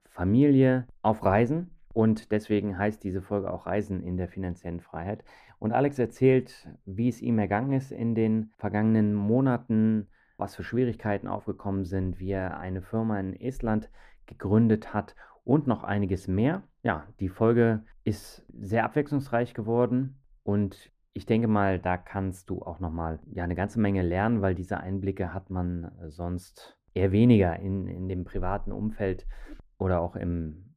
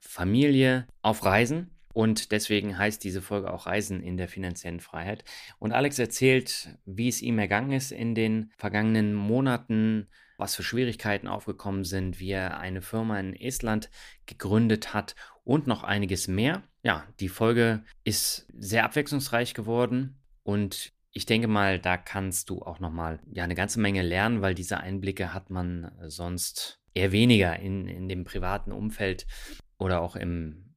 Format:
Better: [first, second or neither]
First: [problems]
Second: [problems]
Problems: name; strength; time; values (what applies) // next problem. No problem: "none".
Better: second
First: muffled; very; fading above 2 kHz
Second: none